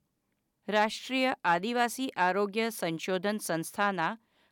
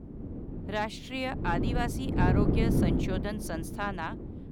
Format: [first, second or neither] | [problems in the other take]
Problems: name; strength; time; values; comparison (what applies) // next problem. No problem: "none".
first | wind noise on the microphone; heavy; 3 dB below the speech